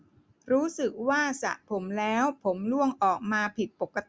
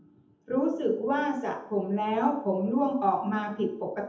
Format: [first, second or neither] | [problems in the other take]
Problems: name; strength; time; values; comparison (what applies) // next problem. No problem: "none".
first | room echo; dies away in 0.7 s